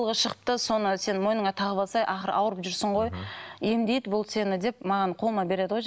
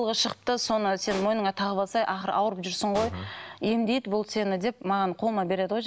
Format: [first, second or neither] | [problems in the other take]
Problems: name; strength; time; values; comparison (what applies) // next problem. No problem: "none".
first | background sound (Explosion); 18 dB below the speech